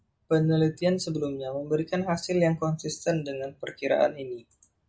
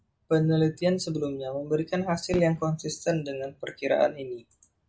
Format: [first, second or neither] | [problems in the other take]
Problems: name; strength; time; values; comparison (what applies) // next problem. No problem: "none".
first | background sound (Fireworks); 17 dB below the speech